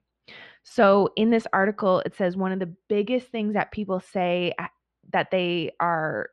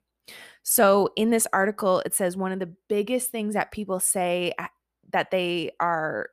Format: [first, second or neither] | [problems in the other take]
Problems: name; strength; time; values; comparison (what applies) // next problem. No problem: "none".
second | muffled; slightly; fading above 4 kHz